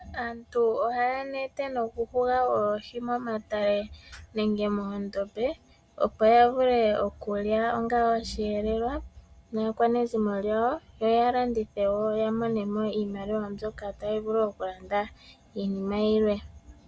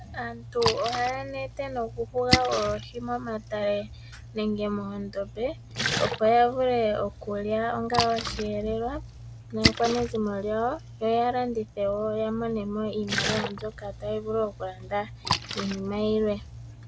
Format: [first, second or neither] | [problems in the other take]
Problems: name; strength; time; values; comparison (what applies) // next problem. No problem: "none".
first | background sound (Splash, splatter); 6 dB below the speech